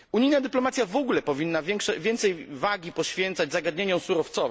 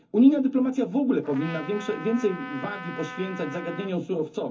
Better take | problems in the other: first | background sound (Trumpet); 14 dB below the speech // room echo; dies away in 0.3 s

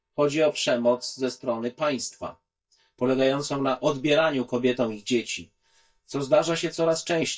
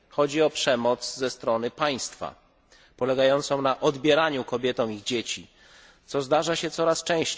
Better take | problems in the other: second | noise reduction (neural mask model DeepFilterNet 3)

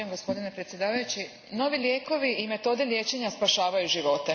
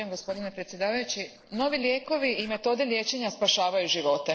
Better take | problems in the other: first | noise reduction (neural separator model SepFormer DNS4)

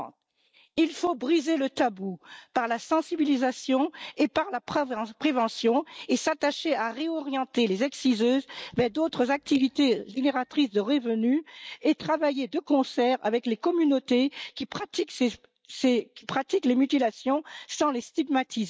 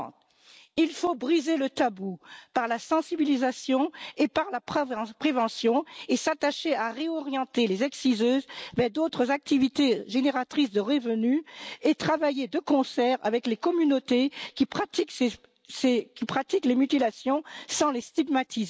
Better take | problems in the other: second | noise reduction (neural mask model DeepFilterNet 3)

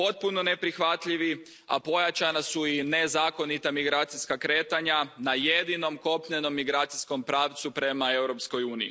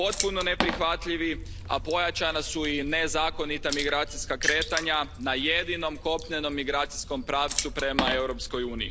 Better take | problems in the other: first | background sound (Water / Splash, splatter); 6 dB below the speech

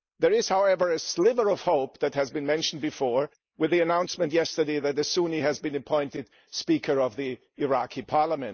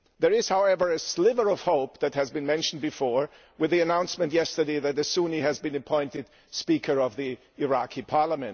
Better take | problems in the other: second | noise reduction (neural mask model Resemble Enhance denoiser)

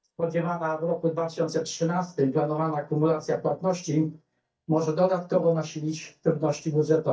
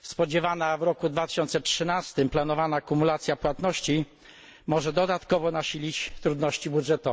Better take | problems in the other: second | noise reduction (neural mask model DeepFilterNet 3)

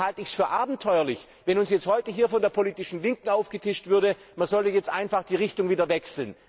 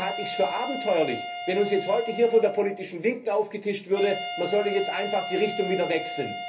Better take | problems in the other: first | background sound (Wind instrument, woodwind instrument); 8 dB below the speech // room echo; dies away in 0.3 s

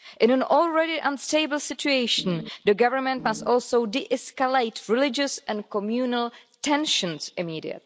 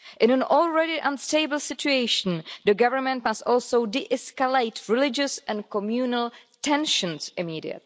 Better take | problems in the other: second | background sound (Organ); 13 dB below the speech

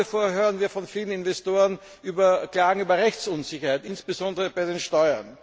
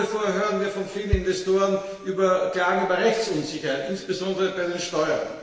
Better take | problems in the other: first | background sound (Bass drum); 9 dB below the speech // room echo; dies away in 1.5 s

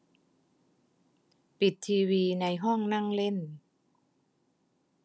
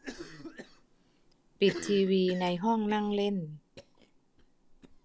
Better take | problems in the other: first | background sound (Cough); 15 dB below the speech

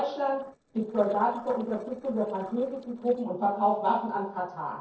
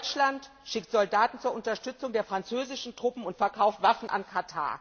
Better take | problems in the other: second | noise reduction (neural separator model SepFormer DNS4)

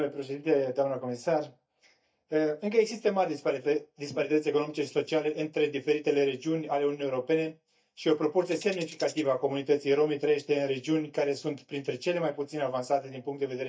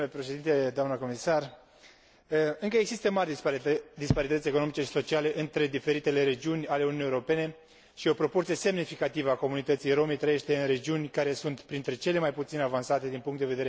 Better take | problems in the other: second | noise reduction (neural mask model DeepFilterNet 3)

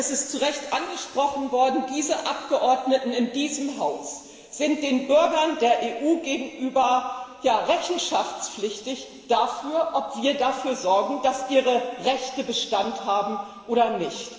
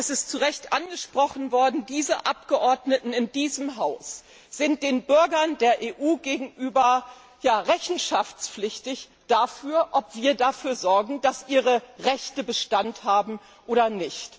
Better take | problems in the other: second | room echo; dies away in 2.9 s

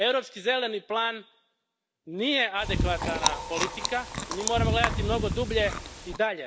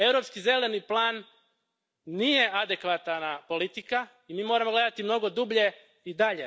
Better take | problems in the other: second | background sound (Chewing, mastication); as loud as the speech

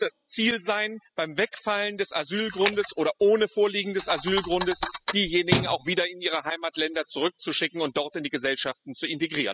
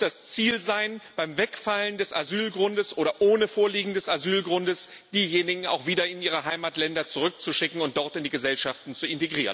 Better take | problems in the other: second | noise reduction (classical method spectral subtraction)

